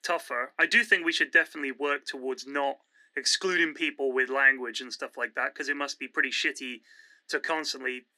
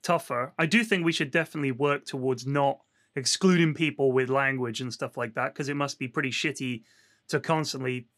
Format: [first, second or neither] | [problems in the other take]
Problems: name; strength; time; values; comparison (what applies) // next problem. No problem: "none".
second | thin; very; fading below 250 Hz